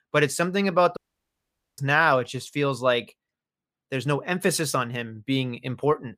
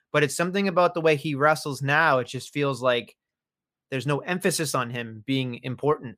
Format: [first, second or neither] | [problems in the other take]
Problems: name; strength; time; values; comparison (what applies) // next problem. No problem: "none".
second | audio cutting out; at 1 s for 1 s